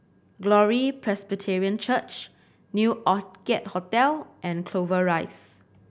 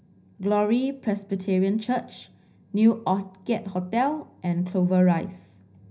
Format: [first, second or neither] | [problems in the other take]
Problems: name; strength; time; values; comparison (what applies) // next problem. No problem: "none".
first | room echo; dies away in 0.5 s